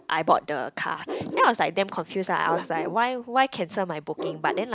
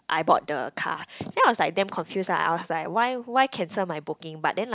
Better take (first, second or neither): second